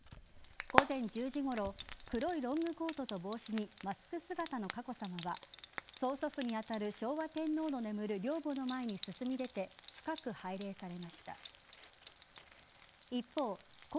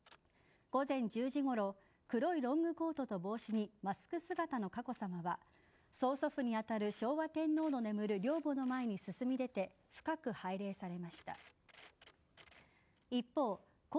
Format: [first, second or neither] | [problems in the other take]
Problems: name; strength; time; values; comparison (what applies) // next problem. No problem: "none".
second | background sound (Frying (food)); 6 dB below the speech